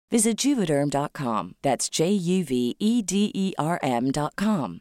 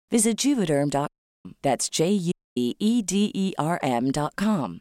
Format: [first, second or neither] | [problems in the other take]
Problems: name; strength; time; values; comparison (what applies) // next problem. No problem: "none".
first | audio cutting out; at 1 s and at 2.5 s